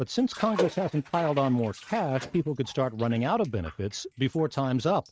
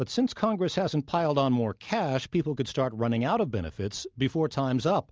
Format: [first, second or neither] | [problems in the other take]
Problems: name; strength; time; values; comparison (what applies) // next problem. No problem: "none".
second | noise reduction (neural mask model RNNoise)